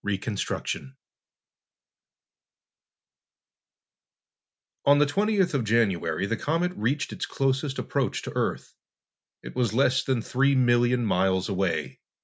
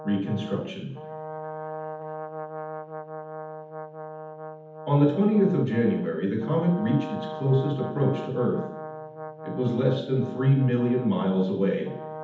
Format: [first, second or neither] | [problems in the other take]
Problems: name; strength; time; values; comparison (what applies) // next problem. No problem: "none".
first | background sound (Brass instrument); 11 dB below the speech // room echo; dies away in 0.8 s